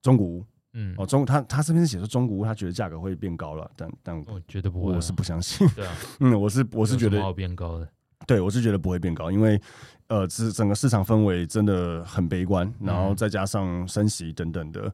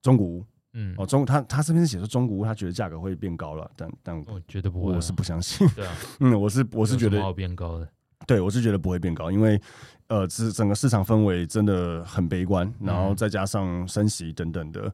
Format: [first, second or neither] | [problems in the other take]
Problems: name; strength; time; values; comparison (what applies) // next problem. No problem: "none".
neither | none